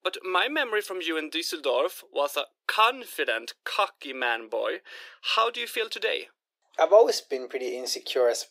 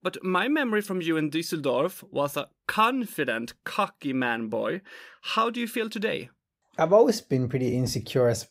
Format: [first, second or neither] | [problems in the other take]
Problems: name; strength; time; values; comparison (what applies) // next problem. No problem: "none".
second | thin; very; fading below 350 Hz